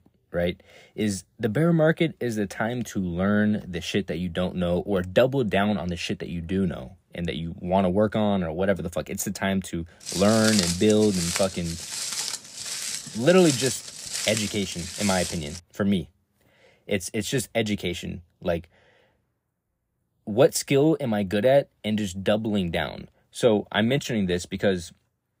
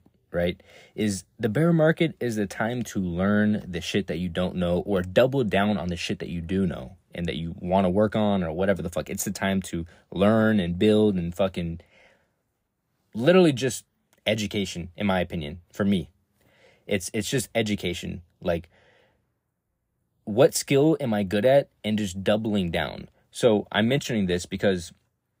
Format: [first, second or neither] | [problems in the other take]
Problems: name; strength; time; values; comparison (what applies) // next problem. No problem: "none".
second | footsteps; loud; from 10 to 16 s; peak 1 dB above the speech